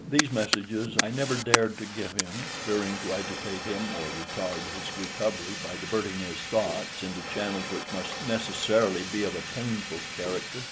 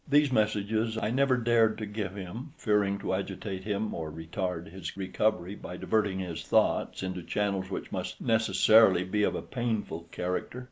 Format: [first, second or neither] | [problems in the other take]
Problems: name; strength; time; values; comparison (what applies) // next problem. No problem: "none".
second | background sound (Fire); 3 dB below the speech